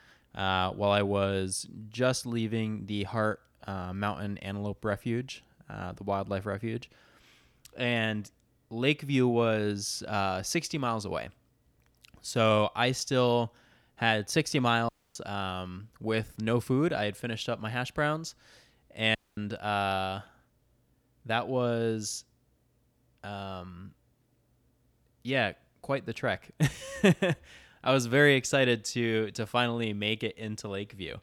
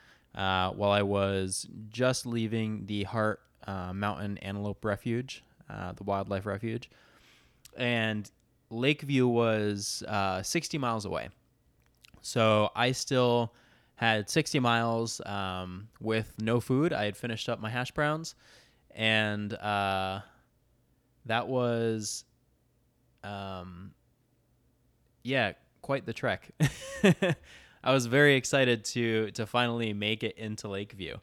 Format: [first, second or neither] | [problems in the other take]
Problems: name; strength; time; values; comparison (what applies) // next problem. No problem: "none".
second | audio cutting out; at 15 s and at 19 s